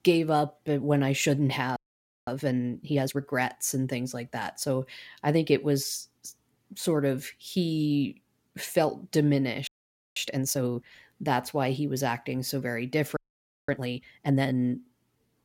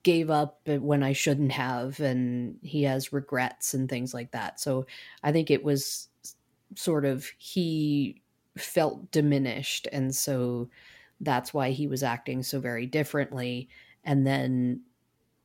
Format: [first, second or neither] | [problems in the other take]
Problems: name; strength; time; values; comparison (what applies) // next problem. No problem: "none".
second | audio freezing; at 2 s for 0.5 s, at 9.5 s and at 13 s for 0.5 s